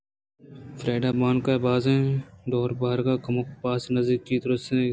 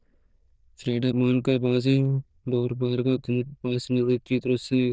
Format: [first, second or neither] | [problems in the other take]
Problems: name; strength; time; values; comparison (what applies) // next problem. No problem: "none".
first | noise reduction (neural diffusion model UNIVERSE++)